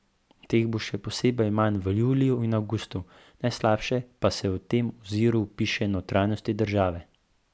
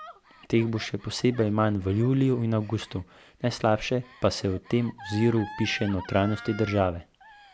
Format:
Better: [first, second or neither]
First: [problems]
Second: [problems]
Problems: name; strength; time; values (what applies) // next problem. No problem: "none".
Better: first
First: none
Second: background sound (Gasp); 19 dB below the speech